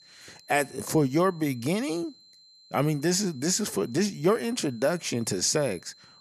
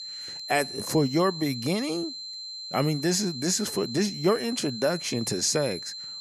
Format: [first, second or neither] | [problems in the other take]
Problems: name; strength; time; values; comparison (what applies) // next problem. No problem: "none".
first | high-pitched whine; loud; throughout; 4 kHz, 8 dB below the speech; faint in the first